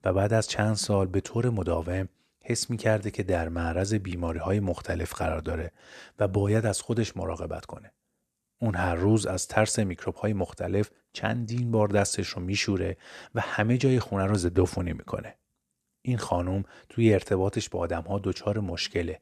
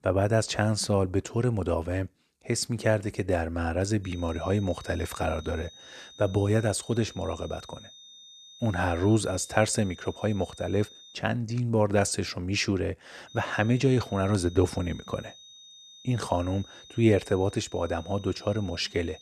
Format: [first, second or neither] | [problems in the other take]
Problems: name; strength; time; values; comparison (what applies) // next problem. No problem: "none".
first | high-pitched whine; noticeable; from 4 to 11 s and from 13 s on; 3.5 kHz, 20 dB below the speech